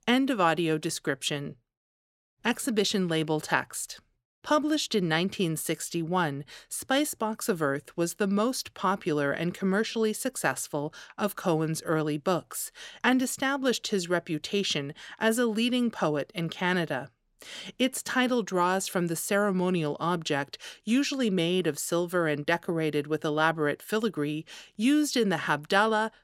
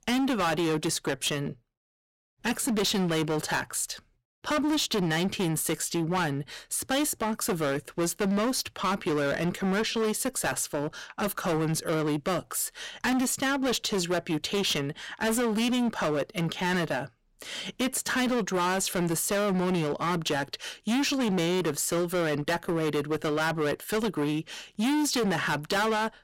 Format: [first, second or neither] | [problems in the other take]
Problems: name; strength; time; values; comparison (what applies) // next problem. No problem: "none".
first | distortion; heavy; 22% of the sound clipped